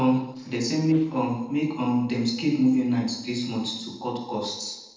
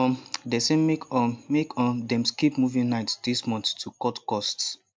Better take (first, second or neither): second